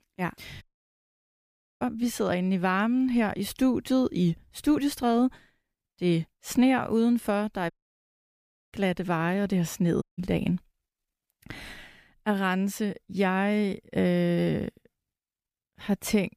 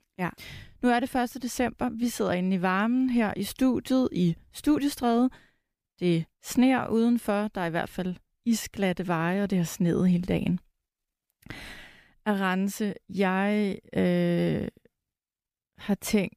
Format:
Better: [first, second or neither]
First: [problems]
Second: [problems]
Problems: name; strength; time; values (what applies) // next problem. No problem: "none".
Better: second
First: audio cutting out; at 0.5 s for 1 s, at 7.5 s for 1 s and at 10 s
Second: none